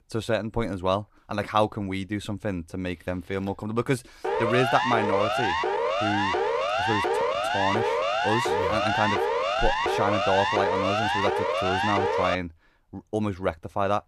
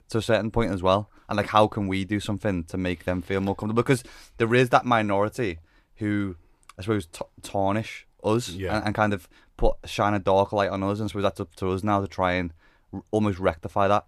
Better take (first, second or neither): second